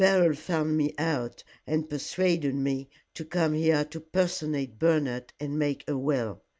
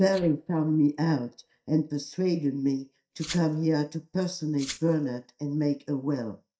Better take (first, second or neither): first